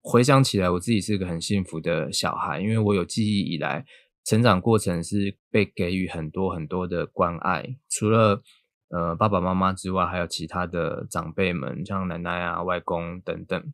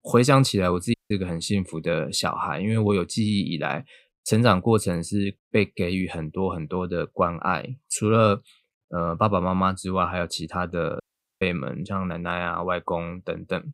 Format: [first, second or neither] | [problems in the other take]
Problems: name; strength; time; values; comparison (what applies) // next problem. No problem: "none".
first | audio cutting out; at 1 s and at 11 s